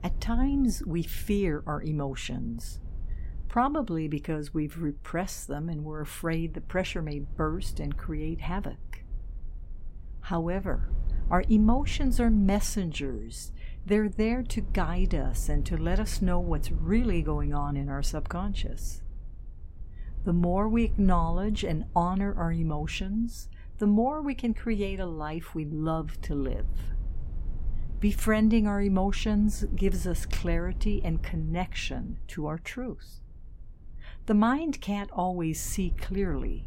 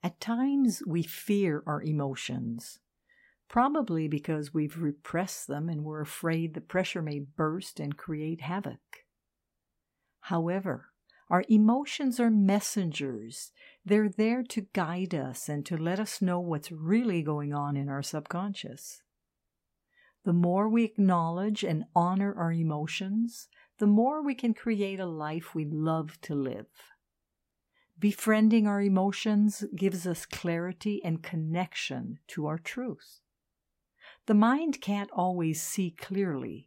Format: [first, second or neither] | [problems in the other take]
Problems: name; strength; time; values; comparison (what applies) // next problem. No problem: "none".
second | low rumble; faint; throughout; 25 dB below the speech